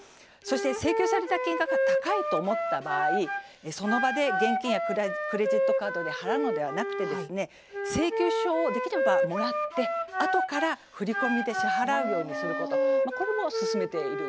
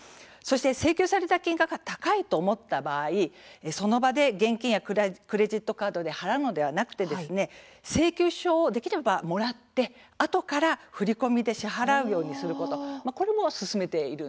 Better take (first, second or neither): second